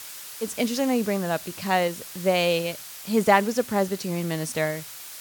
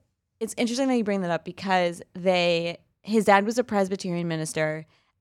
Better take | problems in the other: second | hiss; noticeable; throughout; 15 dB below the speech

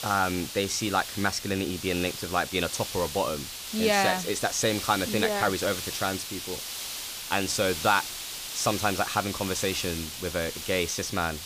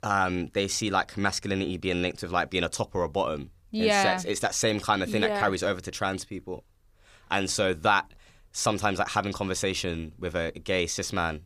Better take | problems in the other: second | hiss; loud; throughout; 6 dB below the speech

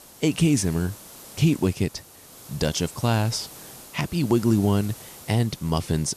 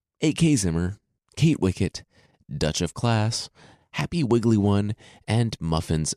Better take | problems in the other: second | hiss; noticeable; throughout; 20 dB below the speech

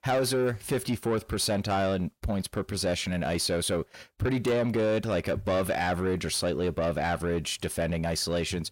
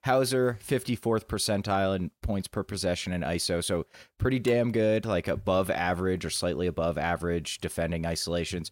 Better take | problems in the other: second | distortion; slight; 10 dB below the speech

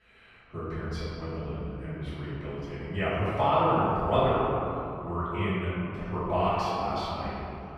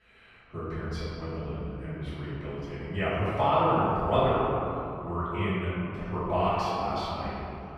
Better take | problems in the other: neither | off-mic speech; far; the same in both // room echo; strong; dies away in 2.9 s; the same in both

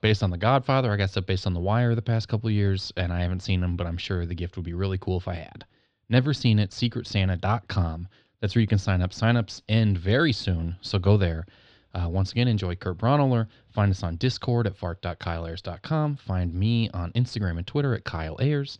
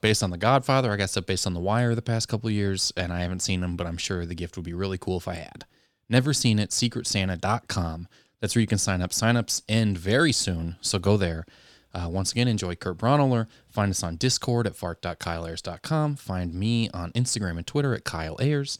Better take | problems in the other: second | muffled; slightly; fading above 4 kHz

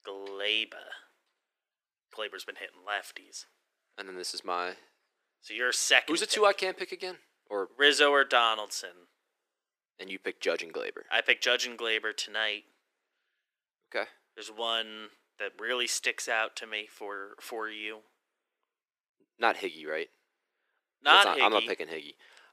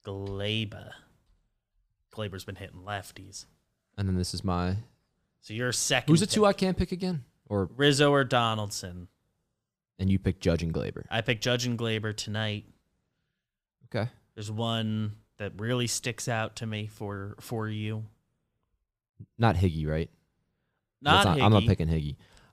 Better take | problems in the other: second | thin; very; fading below 350 Hz

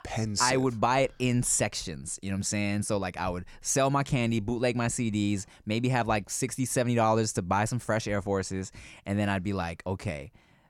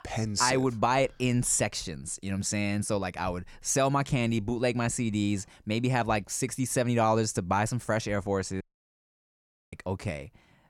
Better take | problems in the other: first | audio cutting out; at 8.5 s for 1 s

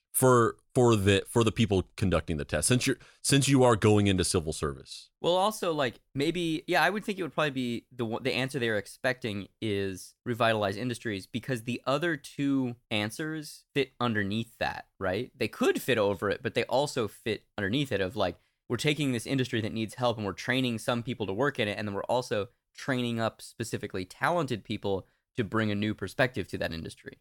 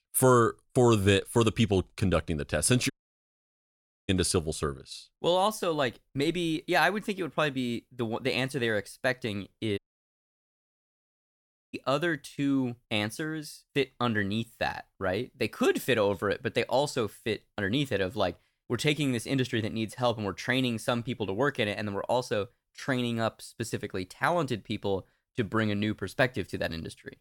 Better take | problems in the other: first | audio cutting out; at 3 s for 1 s and at 10 s for 2 s

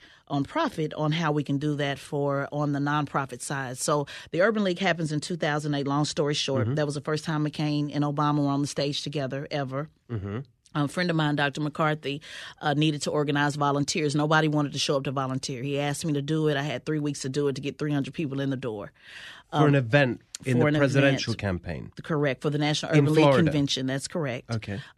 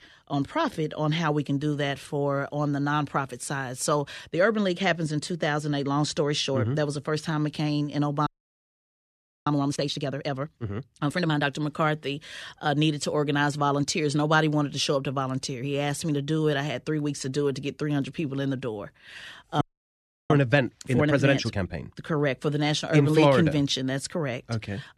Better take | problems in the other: first | audio freezing; at 8.5 s for 1 s and at 20 s for 0.5 s

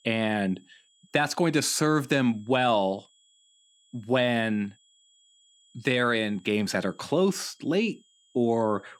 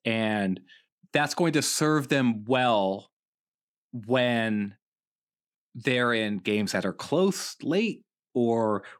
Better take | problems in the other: second | high-pitched whine; faint; throughout; 3.5 kHz, 35 dB below the speech

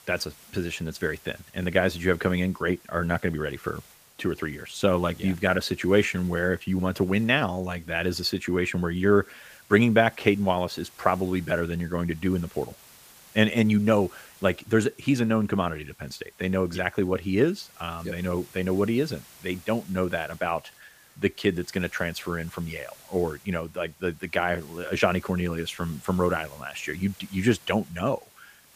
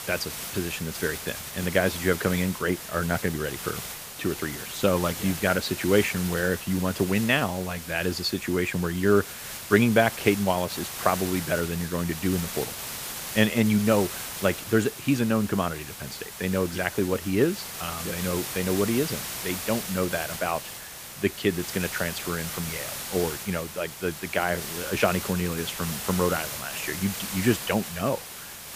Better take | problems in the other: first | hiss; loud; throughout; 7 dB below the speech; faint in the first

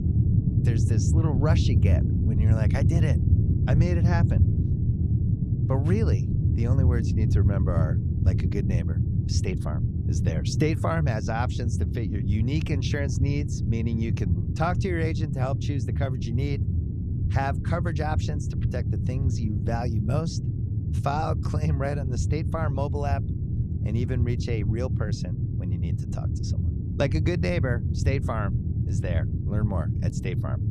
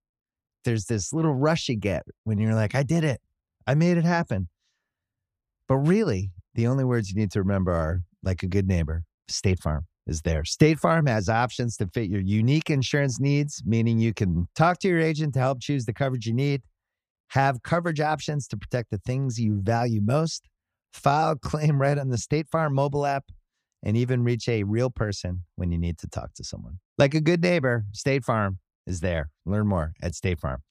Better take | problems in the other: second | low rumble; loud; throughout; 5 dB below the speech

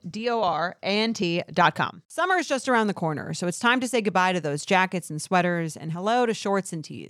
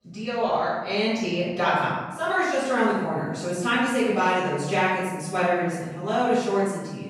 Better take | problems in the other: first | off-mic speech; far // room echo; strong; dies away in 1 s

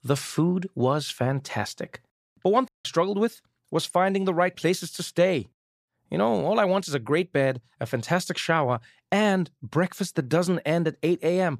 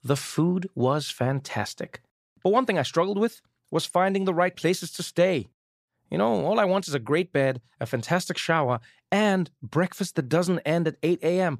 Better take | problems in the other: second | audio cutting out; at 2.5 s

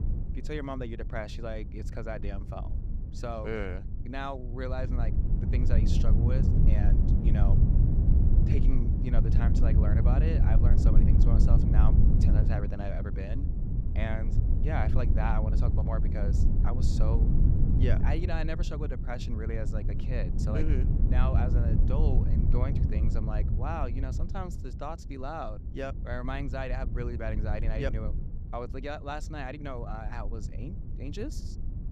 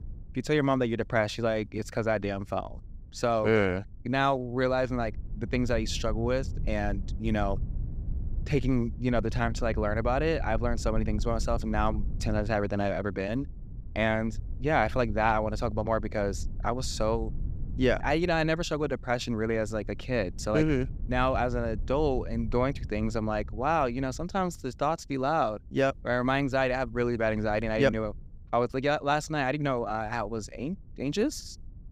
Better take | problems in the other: second | low rumble; loud; throughout; 3 dB below the speech; faint in the second

